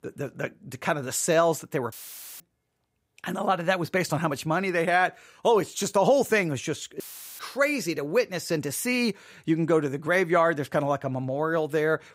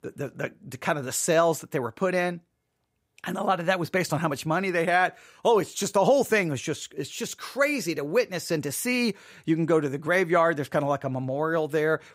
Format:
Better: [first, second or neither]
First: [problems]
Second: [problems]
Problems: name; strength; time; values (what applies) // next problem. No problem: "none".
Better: second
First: audio cutting out; filled with static; at 2 s and at 7 s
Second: none